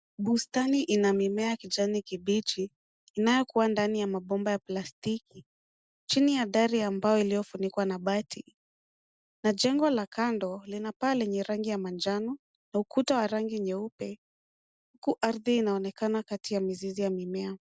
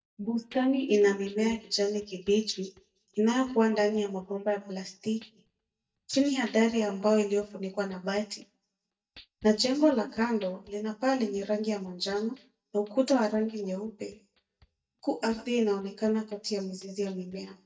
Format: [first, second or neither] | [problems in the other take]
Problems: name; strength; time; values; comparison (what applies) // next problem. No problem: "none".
first | noise reduction (neural mask model DeepFilterNet 3)